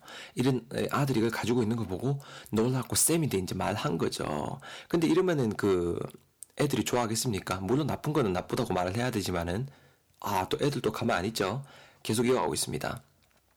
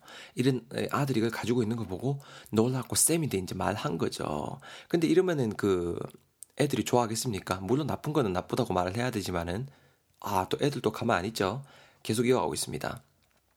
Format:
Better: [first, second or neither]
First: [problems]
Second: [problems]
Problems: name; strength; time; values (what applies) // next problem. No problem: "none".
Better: second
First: distortion; slight; 10 dB below the speech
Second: none